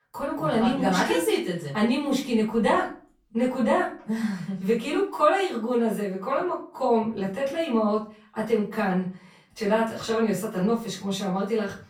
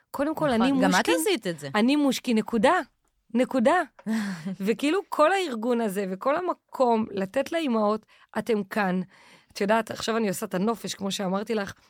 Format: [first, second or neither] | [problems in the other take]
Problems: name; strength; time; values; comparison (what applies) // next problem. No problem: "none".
second | off-mic speech; far // room echo; slight; dies away in 0.3 s